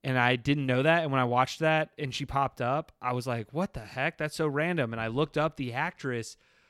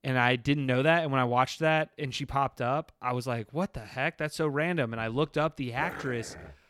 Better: first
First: none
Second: dog barking; faint; at 6 s; peak 10 dB below the speech

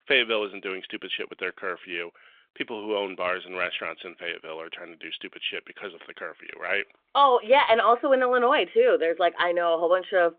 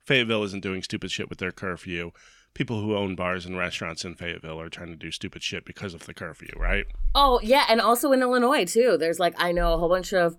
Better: second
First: phone-call audio; nothing above 3.5 kHz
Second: none

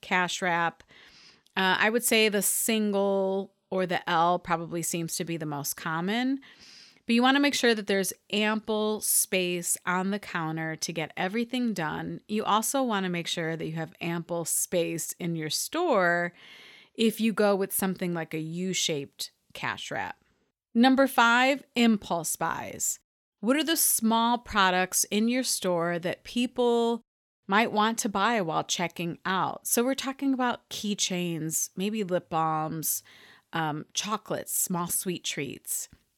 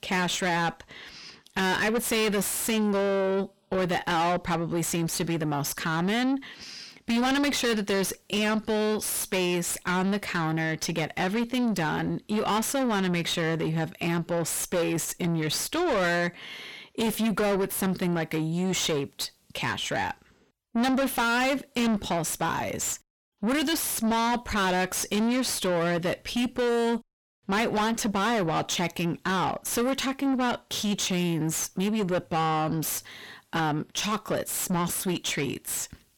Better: first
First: none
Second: distortion; heavy; 5 dB below the speech

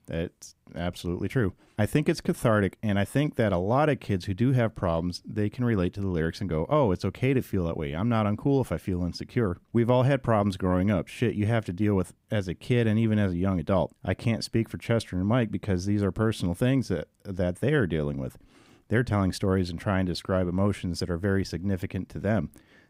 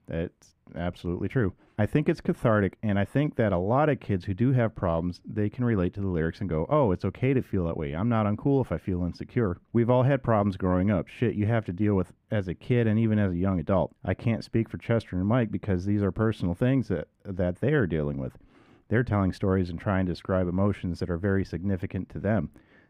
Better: first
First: none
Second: muffled; slightly; fading above 3.5 kHz

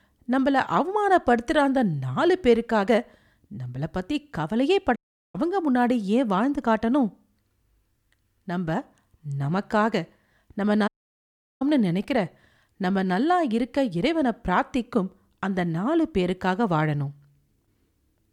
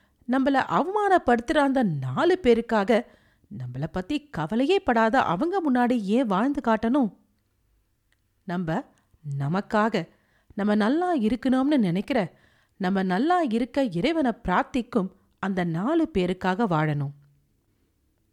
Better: second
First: audio cutting out; at 5 s and at 11 s for 0.5 s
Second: none

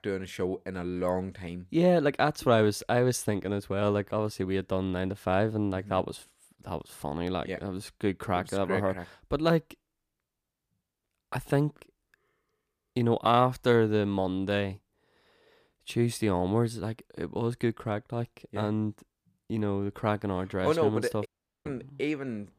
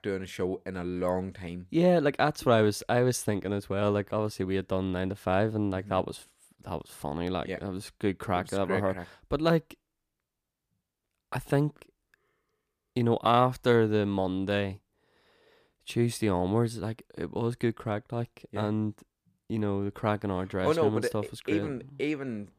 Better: second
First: audio cutting out; at 21 s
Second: none

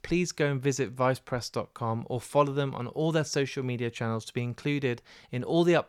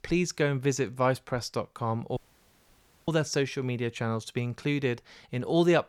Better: first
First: none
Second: audio cutting out; at 2 s for 1 s

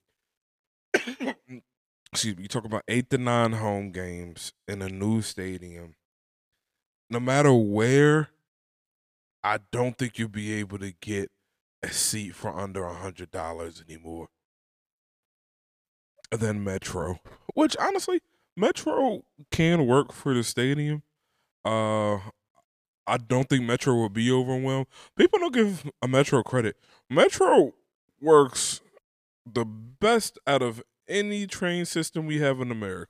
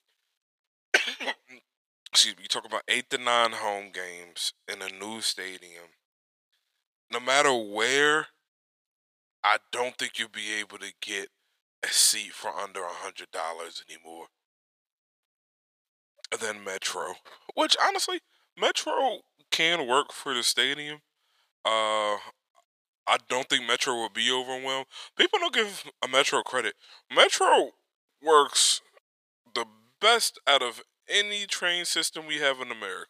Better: first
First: none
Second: thin; very; fading below 750 Hz

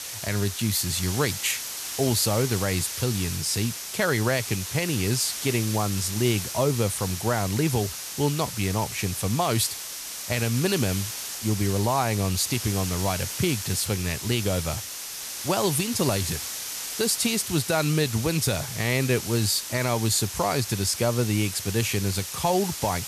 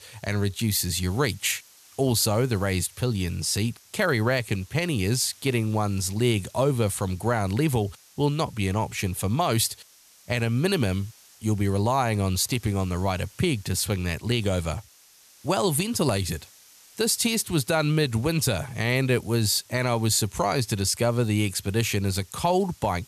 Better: second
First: hiss; loud; throughout; 6 dB below the speech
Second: hiss; faint; throughout; 25 dB below the speech

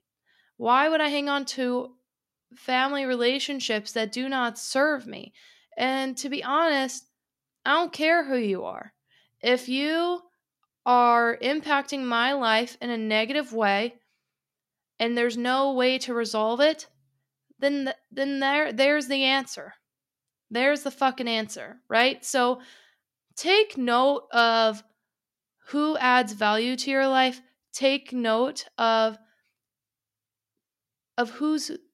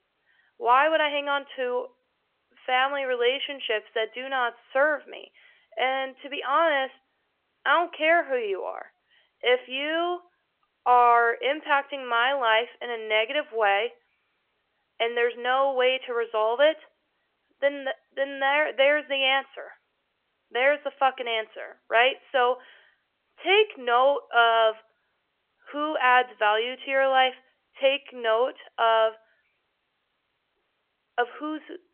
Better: first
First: none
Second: phone-call audio; nothing above 3 kHz

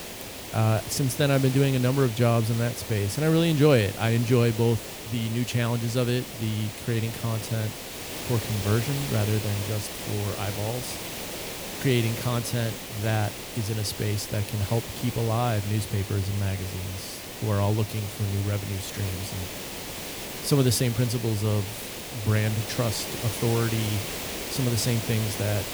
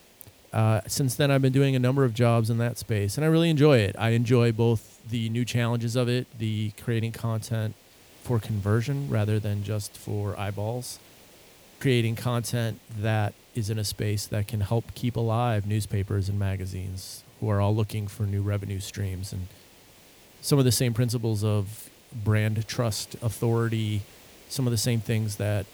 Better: second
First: hiss; loud; throughout; 8 dB below the speech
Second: hiss; faint; throughout; 25 dB below the speech

